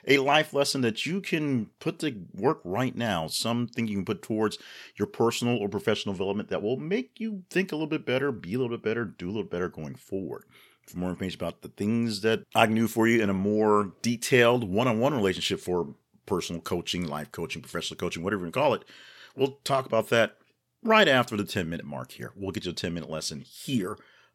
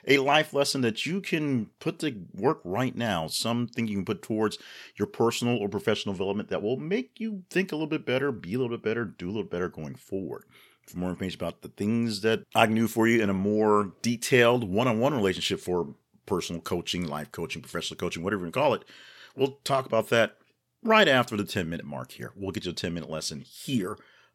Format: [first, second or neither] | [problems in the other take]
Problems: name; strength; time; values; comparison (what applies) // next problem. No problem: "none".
neither | none